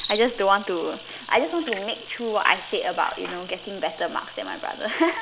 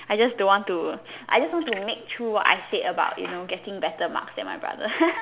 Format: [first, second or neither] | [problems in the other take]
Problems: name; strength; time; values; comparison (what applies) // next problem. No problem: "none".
second | background sound (Cricket + Camera); 15 dB below the speech